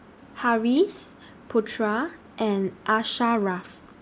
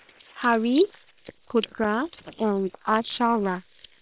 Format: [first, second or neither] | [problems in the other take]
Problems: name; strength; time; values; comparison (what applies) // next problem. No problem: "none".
first | noise reduction (neural separator model SepFormer WHAM!)